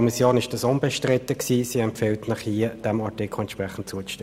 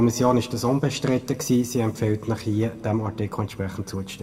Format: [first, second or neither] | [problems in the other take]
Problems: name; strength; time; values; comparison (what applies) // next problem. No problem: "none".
first | room echo; dies away in 1.5 s